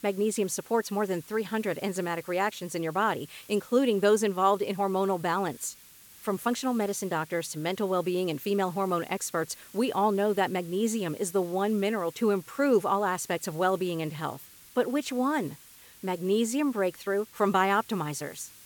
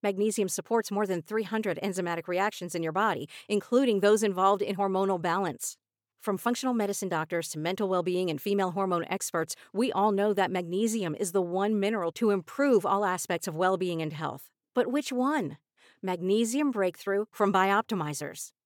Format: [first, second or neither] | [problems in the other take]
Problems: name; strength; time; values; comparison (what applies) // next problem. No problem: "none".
second | hiss; faint; throughout; 20 dB below the speech